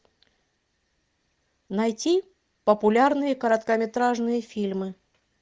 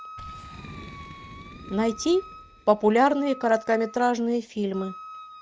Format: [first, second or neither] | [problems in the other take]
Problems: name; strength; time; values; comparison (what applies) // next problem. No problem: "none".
first | background sound (Wind instrument, woodwind instrument + Boom); 17 dB below the speech